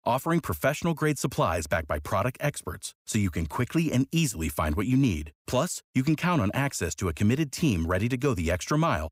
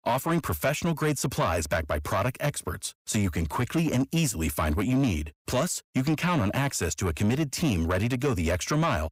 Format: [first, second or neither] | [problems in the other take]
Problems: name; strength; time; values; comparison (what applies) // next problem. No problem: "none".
first | distortion; slight; 10 dB below the speech